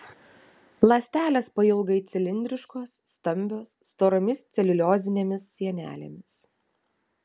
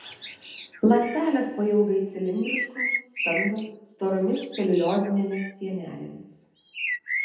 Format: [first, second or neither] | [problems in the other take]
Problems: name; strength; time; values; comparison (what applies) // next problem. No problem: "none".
first | background sound (Bird); 8 dB below the speech // room echo; dies away in 0.8 s